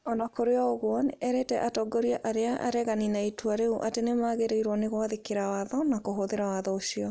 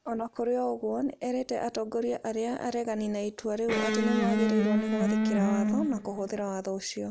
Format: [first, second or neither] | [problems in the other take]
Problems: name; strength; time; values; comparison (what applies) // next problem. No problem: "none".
first | background sound (Electric guitar); 4 dB above the speech